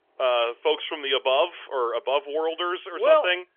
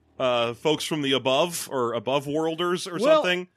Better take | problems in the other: second | phone-call audio; nothing above 3.5 kHz

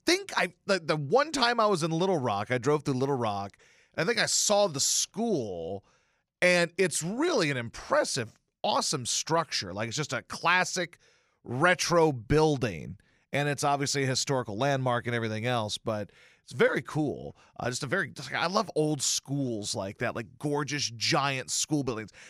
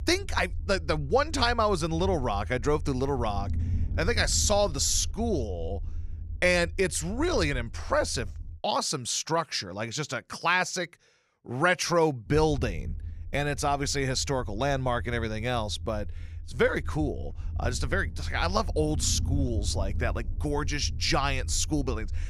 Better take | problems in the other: first | low rumble; faint; until 8.5 s and from 12 s on; 25 dB below the speech

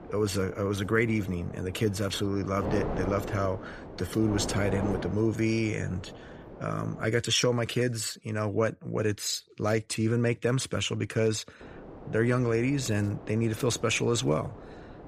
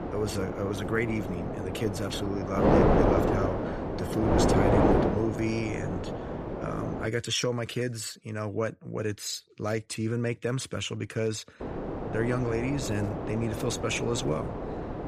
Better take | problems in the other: first | wind noise on the microphone; heavy; until 7 s and from 12 s on; 3 dB above the speech; occasional gusts in the first

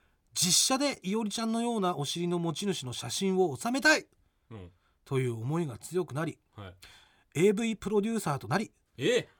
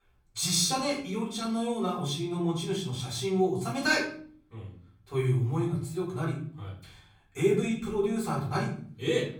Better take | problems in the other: first | off-mic speech; far // room echo; noticeable; dies away in 0.6 s

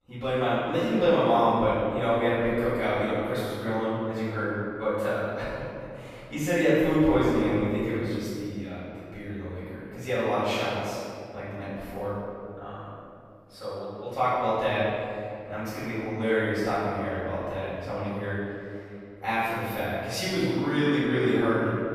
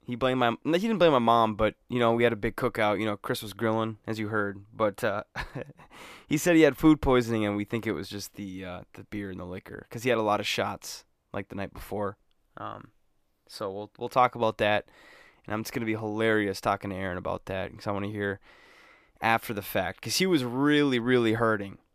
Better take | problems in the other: second | off-mic speech; far // room echo; strong; dies away in 2.3 s

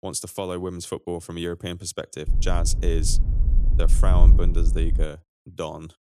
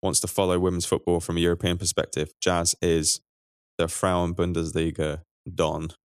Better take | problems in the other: second | wind noise on the microphone; occasional gusts; from 2.5 to 5 s; 10 dB below the speech

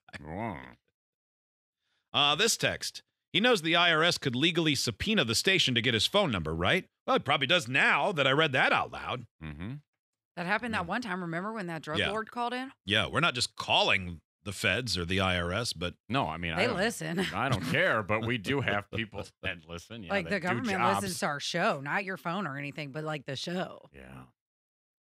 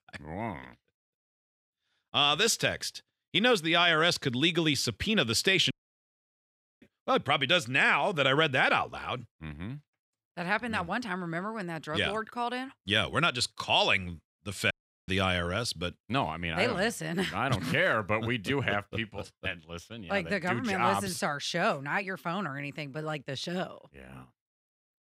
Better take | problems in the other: first | audio cutting out; at 5.5 s for 1 s and at 15 s

